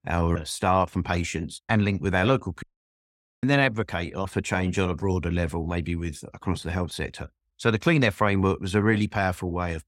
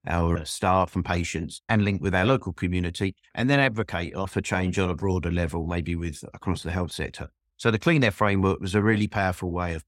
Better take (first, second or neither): second